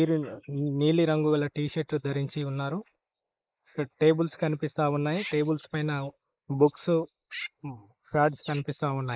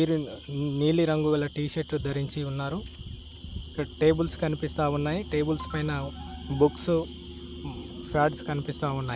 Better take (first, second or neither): second